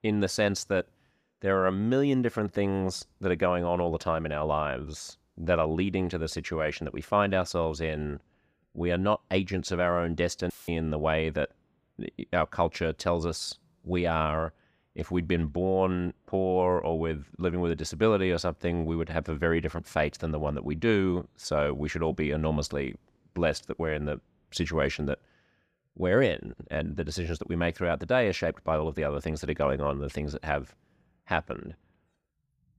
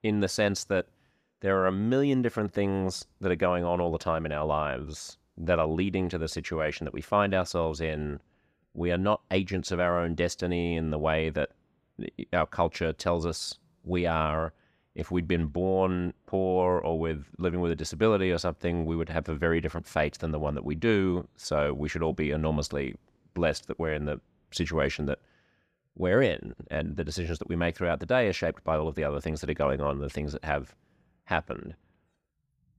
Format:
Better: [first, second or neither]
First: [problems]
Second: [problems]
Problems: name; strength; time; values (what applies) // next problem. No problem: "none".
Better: second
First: audio cutting out; filled with static; at 11 s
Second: none